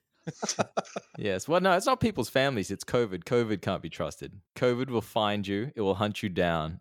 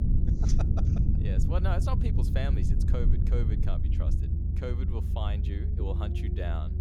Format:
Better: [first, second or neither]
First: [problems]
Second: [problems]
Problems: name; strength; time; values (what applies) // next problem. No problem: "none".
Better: first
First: none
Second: low rumble; loud; throughout; 2 dB below the speech